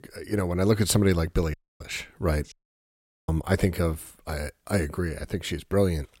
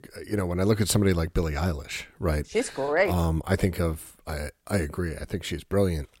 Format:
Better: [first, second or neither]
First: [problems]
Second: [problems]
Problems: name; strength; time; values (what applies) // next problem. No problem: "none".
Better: second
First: audio cutting out; at 1.5 s and at 2.5 s for 1 s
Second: none